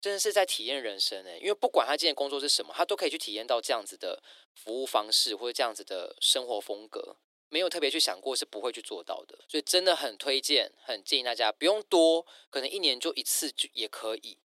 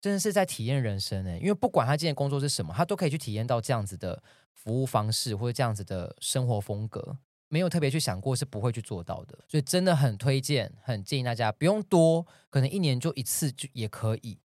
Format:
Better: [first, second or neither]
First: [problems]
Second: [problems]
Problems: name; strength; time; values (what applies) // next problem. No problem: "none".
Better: second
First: thin; very; fading below 300 Hz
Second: none